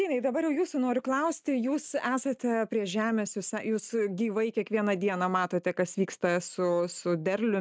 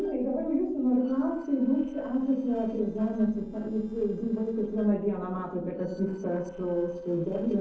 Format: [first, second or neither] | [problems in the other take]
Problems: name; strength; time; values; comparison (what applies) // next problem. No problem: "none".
first | noise reduction (neural separator model SepFormer DNS4)